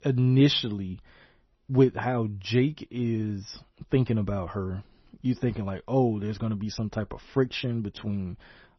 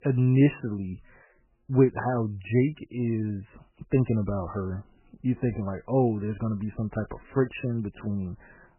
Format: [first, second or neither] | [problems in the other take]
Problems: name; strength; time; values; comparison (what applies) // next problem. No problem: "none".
first | garbled, watery; badly; nothing above 3 kHz; slightly in the first